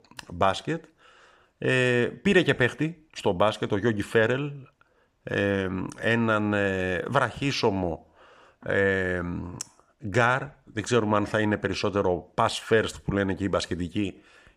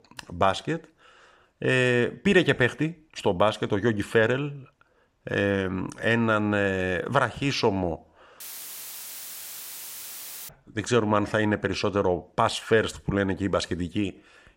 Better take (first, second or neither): first